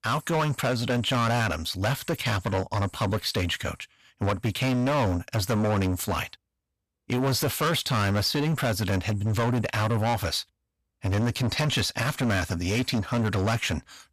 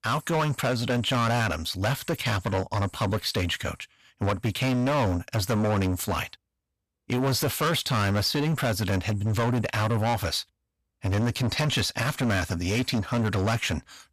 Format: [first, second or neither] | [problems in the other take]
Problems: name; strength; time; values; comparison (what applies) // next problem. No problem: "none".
neither | distortion; heavy; 19% of the sound clipped; the same in both